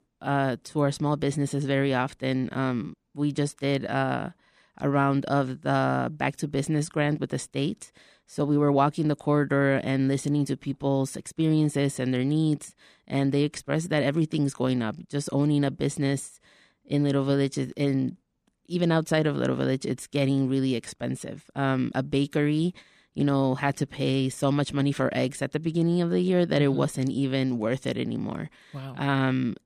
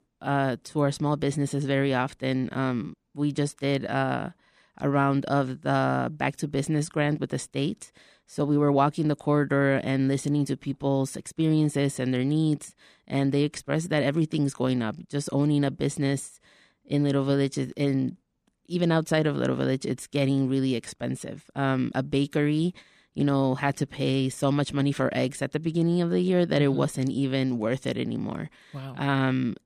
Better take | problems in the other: neither | none

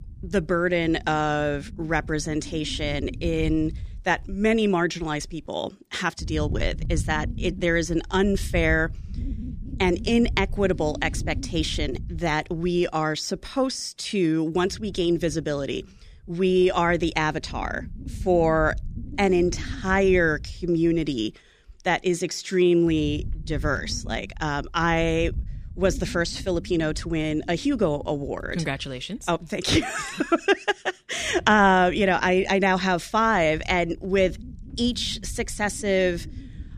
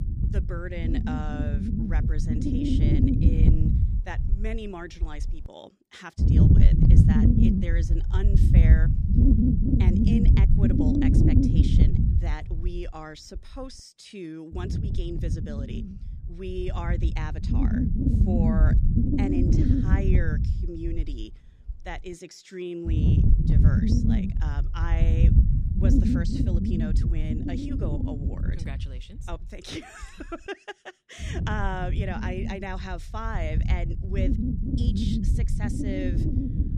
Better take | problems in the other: first | wind noise on the microphone; heavy; 4 dB above the speech; occasional gusts in the first

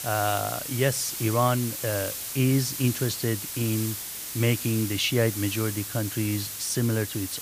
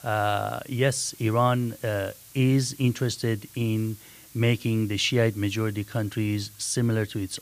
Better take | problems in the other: second | hiss; loud; throughout; 5 dB below the speech; faint in the second

